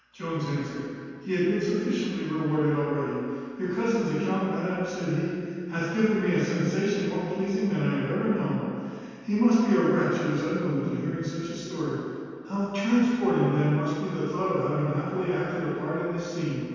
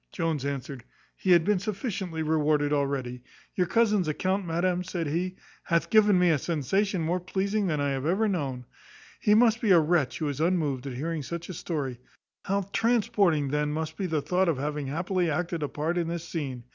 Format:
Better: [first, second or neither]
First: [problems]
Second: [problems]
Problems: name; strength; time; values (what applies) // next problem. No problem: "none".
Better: second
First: room echo; dies away in 2.1 s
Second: none